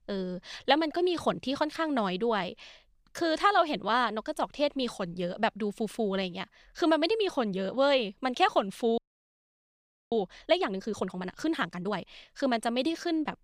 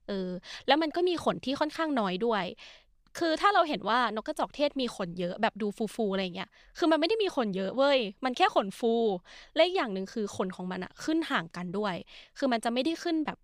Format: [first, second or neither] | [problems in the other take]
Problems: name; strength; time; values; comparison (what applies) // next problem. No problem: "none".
second | audio freezing; at 9 s for 1 s